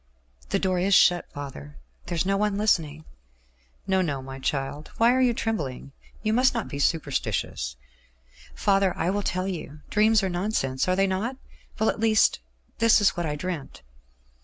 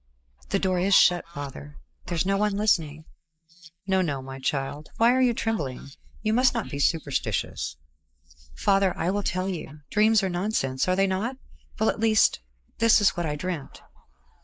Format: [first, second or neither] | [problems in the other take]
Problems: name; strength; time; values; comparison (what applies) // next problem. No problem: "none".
first | noise reduction (neural mask model Resemble Enhance denoiser)